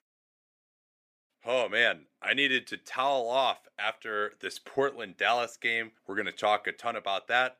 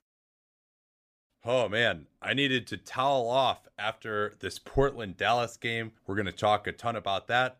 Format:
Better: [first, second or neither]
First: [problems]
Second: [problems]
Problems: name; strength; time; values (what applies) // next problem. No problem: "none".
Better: second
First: thin; very slightly; fading below 300 Hz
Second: none